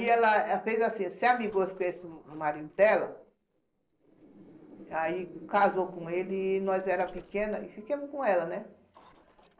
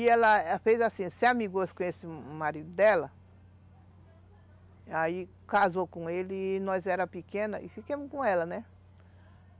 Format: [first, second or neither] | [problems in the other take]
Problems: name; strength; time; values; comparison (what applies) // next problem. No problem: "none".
second | noise reduction (neural separator model SepFormer DNS4)